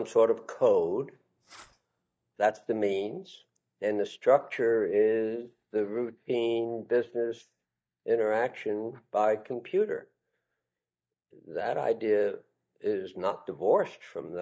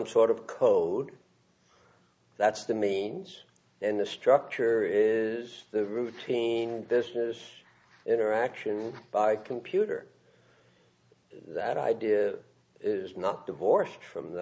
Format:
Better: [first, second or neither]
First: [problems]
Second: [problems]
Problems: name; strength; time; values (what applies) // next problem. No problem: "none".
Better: second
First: noise reduction (neural mask model DeepFilterNet 3)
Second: none